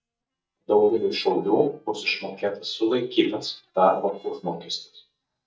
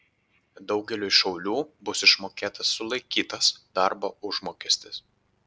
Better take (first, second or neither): second